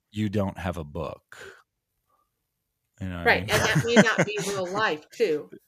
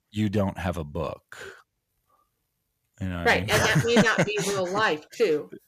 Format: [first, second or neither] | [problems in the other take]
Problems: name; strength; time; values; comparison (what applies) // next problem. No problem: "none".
first | distortion; slight; 10 dB below the speech